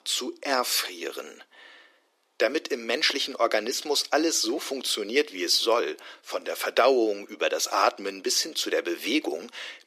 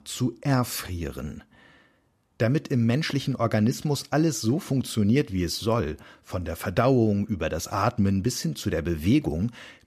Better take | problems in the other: second | thin; very; fading below 350 Hz

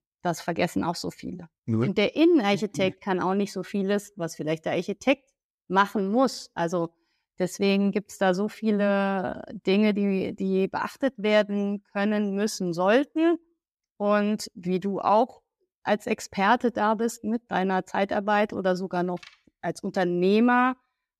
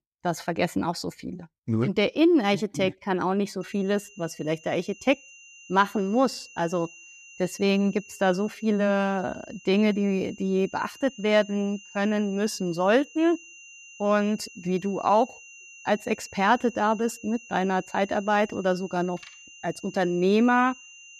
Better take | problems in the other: first | high-pitched whine; faint; from 3.5 s on; 3 kHz, 20 dB below the speech

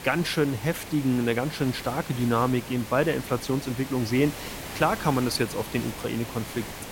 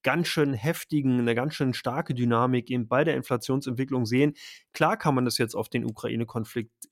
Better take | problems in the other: second | hiss; noticeable; throughout; 10 dB below the speech

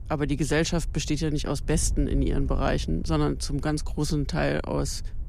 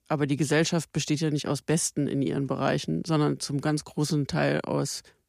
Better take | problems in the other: second | wind noise on the microphone; occasional gusts; 25 dB below the speech

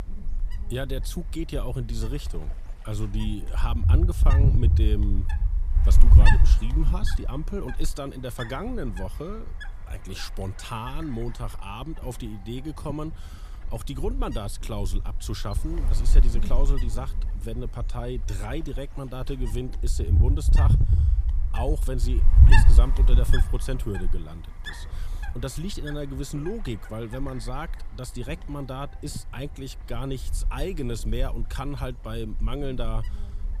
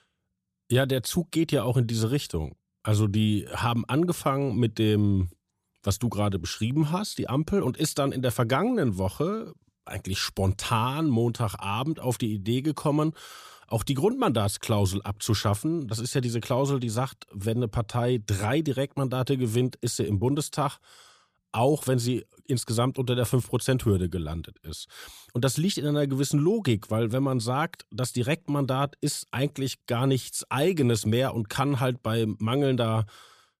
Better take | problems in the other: second | wind noise on the microphone; heavy; 2 dB below the speech

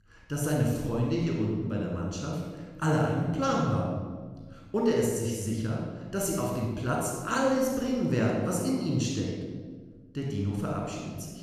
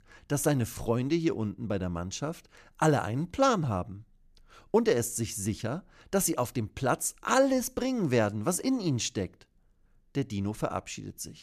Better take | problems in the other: second | off-mic speech; somewhat distant // room echo; noticeable; dies away in 1.4 s

